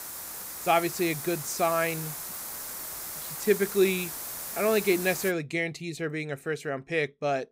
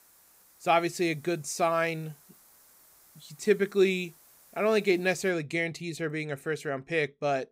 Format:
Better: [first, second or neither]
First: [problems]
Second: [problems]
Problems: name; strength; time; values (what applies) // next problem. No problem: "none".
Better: second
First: hiss; loud; until 5.5 s; 7 dB below the speech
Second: hiss; faint; until 5.5 s; 25 dB below the speech